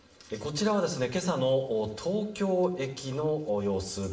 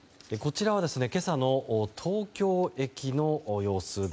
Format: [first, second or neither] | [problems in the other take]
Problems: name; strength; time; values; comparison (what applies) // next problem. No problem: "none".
second | room echo; dies away in 0.6 s